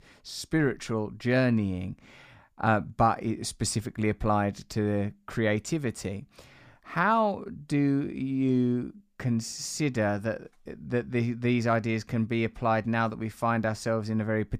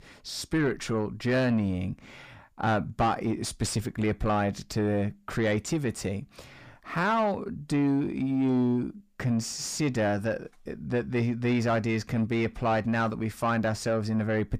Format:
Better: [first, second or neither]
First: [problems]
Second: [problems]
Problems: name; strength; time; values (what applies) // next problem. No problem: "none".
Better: first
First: none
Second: distortion; slight; 10 dB below the speech